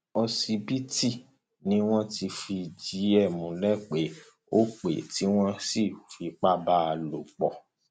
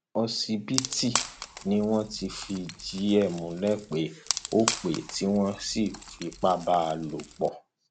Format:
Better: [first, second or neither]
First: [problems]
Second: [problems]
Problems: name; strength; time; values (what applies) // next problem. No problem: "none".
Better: first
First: none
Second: background sound (Wood); 9 dB below the speech